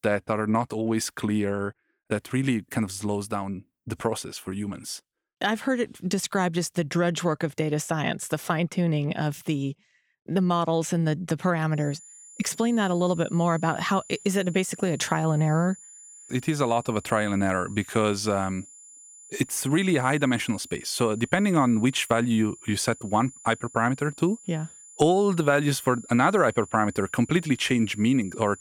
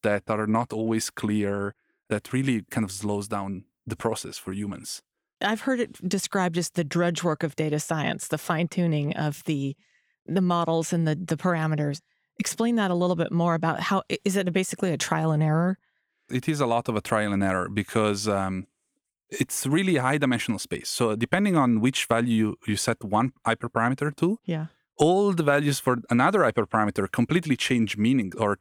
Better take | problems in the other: second | high-pitched whine; noticeable; from 12 s on; 7 kHz, 20 dB below the speech

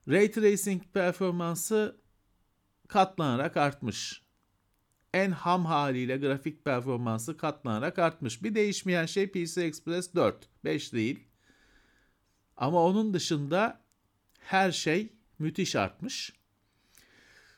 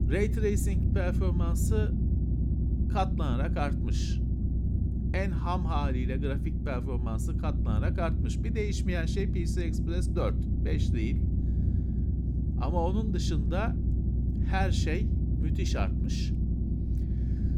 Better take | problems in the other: first | low rumble; loud; throughout; 6 dB below the speech

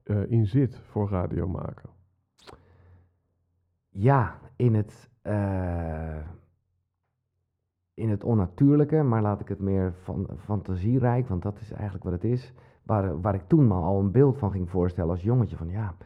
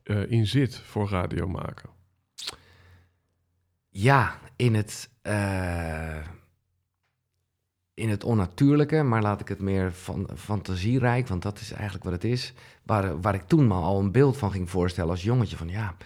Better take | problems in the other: second | muffled; very; fading above 1.5 kHz

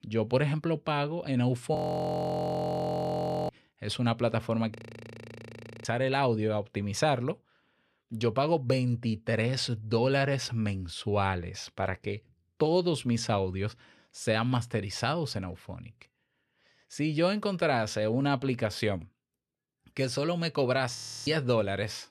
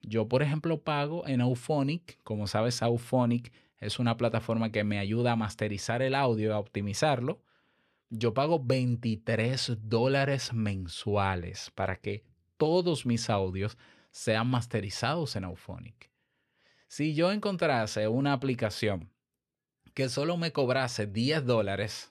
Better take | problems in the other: second | audio freezing; at 2 s for 1.5 s, at 5 s for 1 s and at 21 s

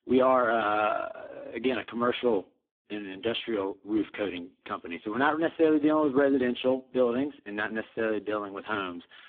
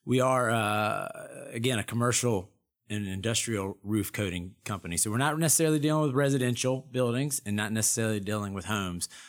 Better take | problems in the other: second | phone-call audio; poor line

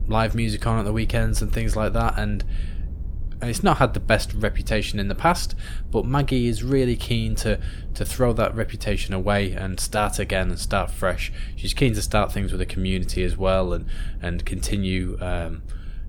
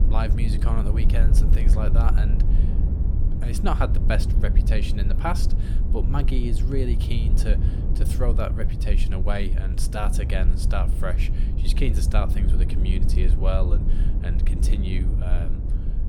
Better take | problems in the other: first | low rumble; loud; throughout; 7 dB below the speech; faint in the first

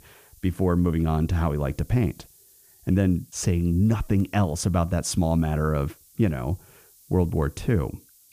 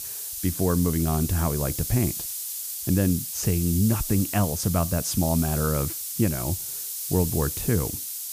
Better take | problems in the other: first | hiss; loud; throughout; 4 dB below the speech; faint in the first

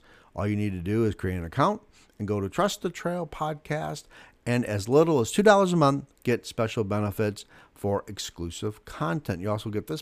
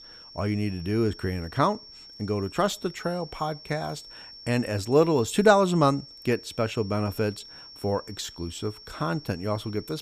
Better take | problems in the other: first | high-pitched whine; noticeable; throughout; 5.5 kHz, 15 dB below the speech

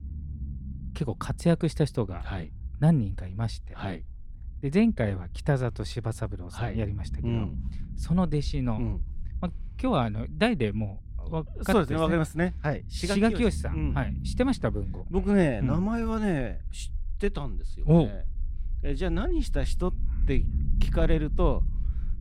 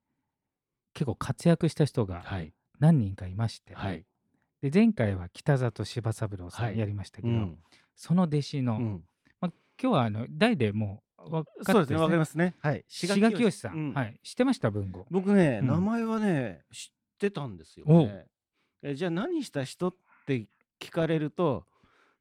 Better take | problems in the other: second | low rumble; faint; throughout; 20 dB below the speech

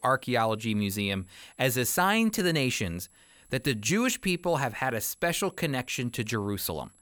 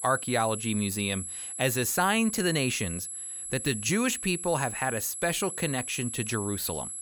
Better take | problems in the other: first | high-pitched whine; loud; throughout; 11 kHz, 6 dB below the speech; faint in the first

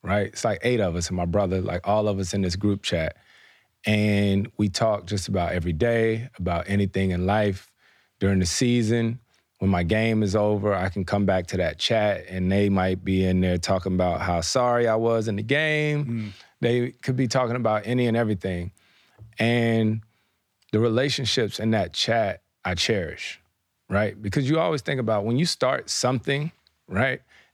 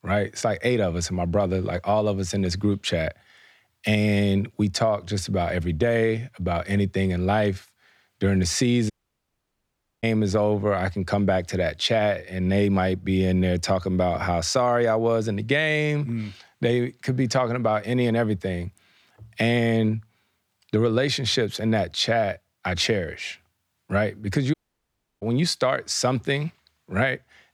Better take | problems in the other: first | audio cutting out; at 9 s for 1 s and at 25 s for 0.5 s

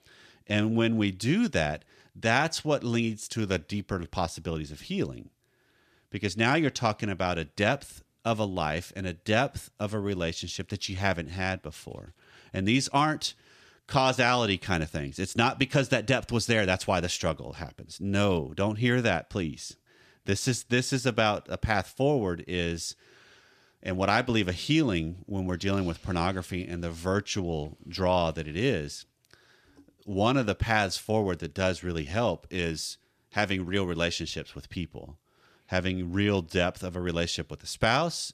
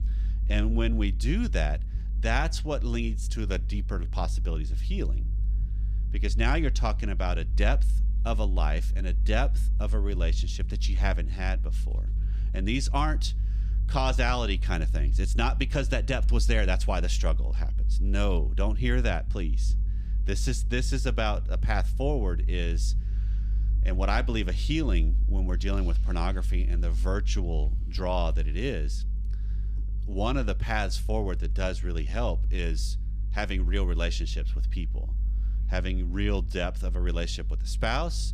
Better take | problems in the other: first | low rumble; noticeable; throughout; 20 dB below the speech

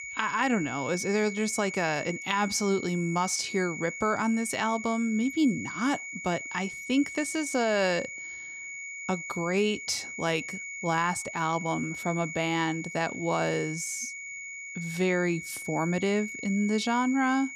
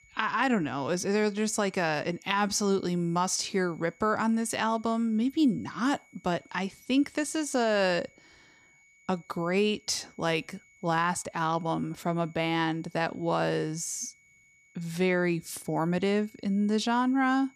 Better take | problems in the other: second | high-pitched whine; loud; throughout; 2 kHz, 8 dB below the speech; faint in the second

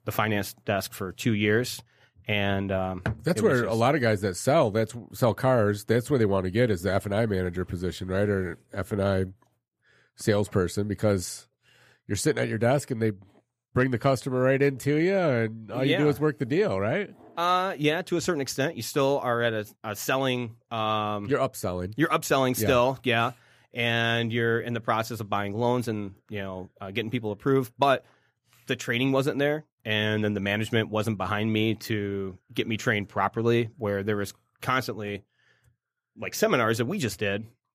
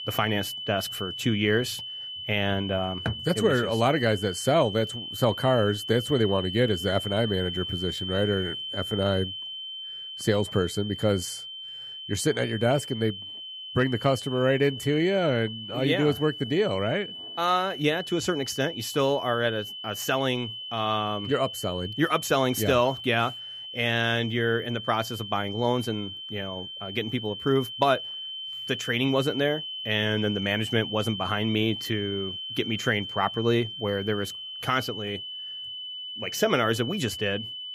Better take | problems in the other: first | high-pitched whine; loud; throughout; 3 kHz, 8 dB below the speech

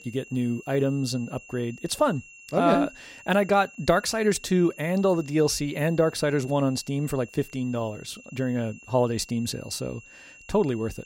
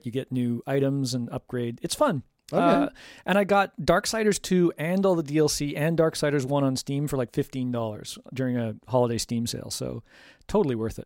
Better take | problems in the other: second | high-pitched whine; faint; throughout; 2.5 kHz, 20 dB below the speech

